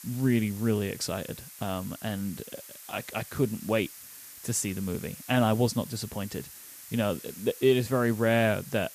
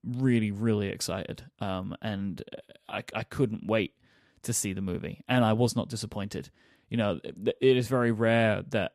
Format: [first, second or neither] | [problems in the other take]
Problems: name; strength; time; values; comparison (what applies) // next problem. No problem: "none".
second | hiss; noticeable; throughout; 15 dB below the speech